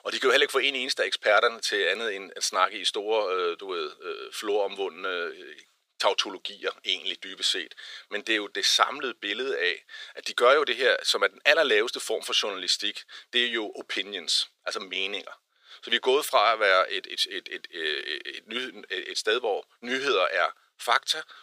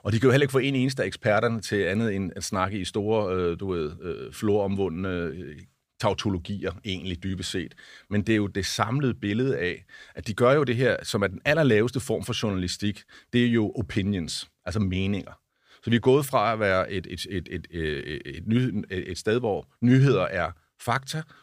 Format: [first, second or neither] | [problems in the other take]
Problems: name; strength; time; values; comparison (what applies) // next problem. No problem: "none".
second | thin; very; fading below 400 Hz